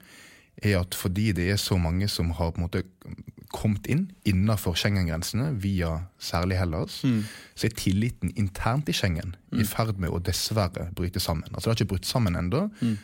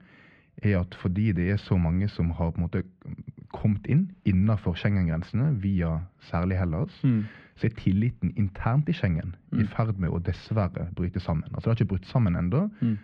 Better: first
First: none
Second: muffled; very; fading above 2.5 kHz

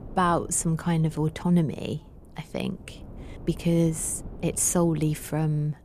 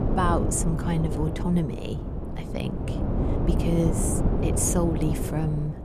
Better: first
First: wind noise on the microphone; occasional gusts; 20 dB below the speech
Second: wind noise on the microphone; heavy; 4 dB below the speech

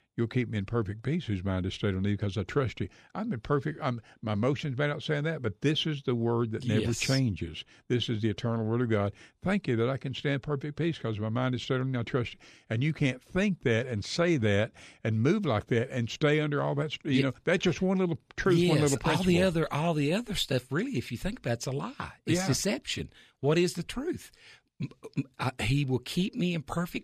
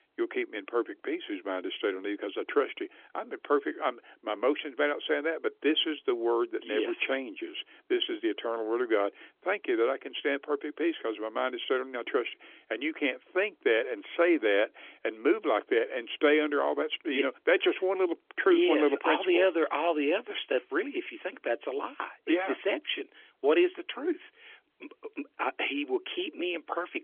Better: first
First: none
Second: phone-call audio; nothing above 3.5 kHz

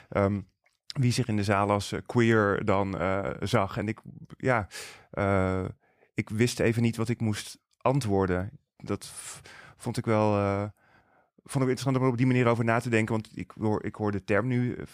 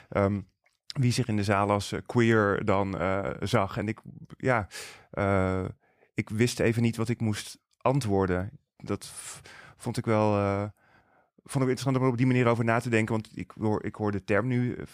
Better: neither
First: none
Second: none

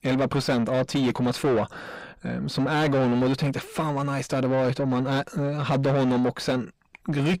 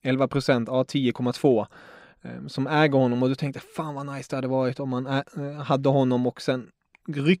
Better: second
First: distortion; heavy; 6 dB below the speech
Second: none

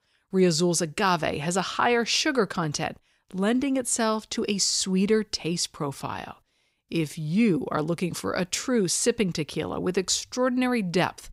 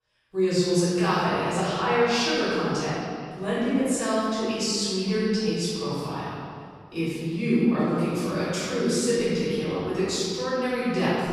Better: first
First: none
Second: room echo; strong; dies away in 2 s // off-mic speech; far

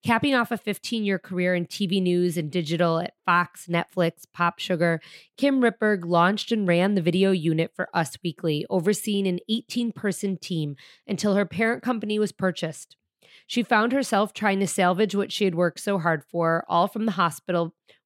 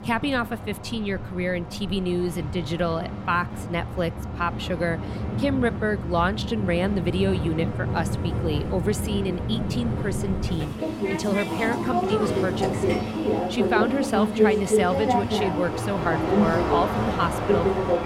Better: first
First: none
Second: train or aircraft noise; very loud; throughout; as loud as the speech

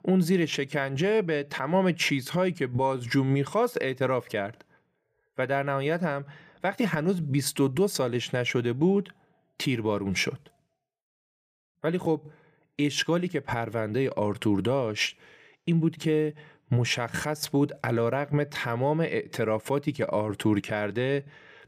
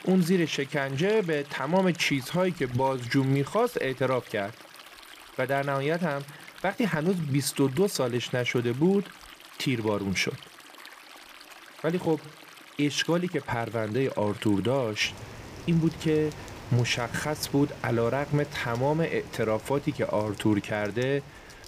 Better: first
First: none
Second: rain or running water; noticeable; throughout; 20 dB below the speech

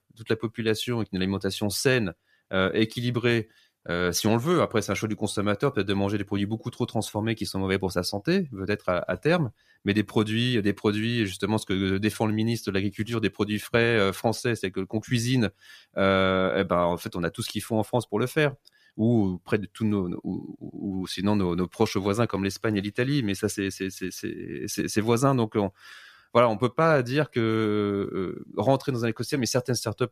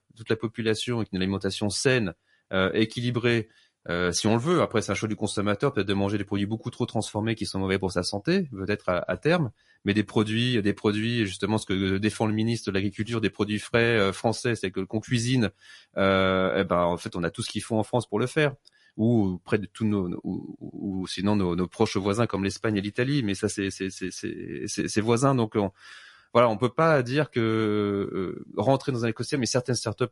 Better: first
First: none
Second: garbled, watery; slightly; nothing above 11 kHz

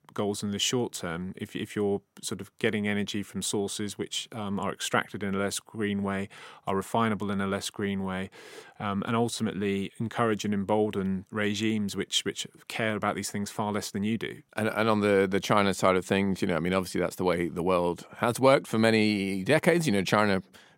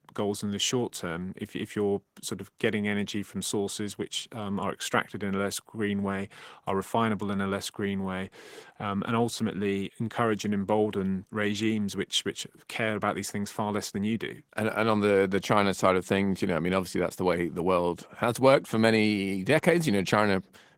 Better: first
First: none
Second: garbled, watery; slightly; nothing above 16 kHz

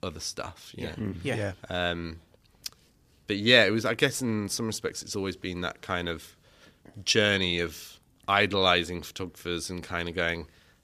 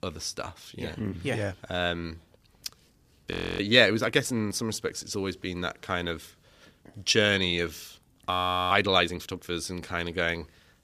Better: first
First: none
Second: audio freezing; at 3.5 s and at 8.5 s

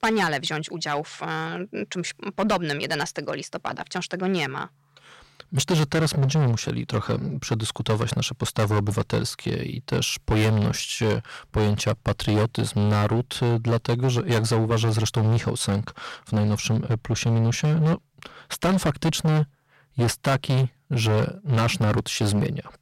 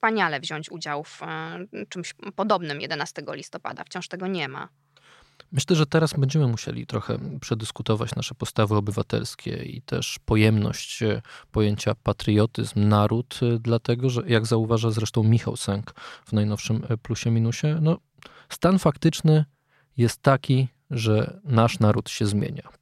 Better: second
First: distortion; heavy; 14% of the sound clipped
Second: none

